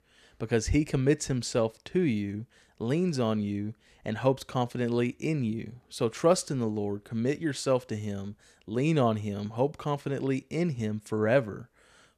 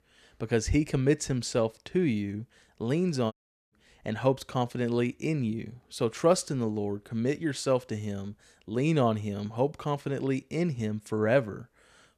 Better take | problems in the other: first | audio cutting out; at 3.5 s

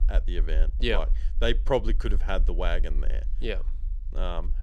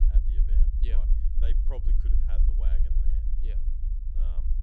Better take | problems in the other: first | low rumble; loud; throughout; as loud as the speech; faint in the first

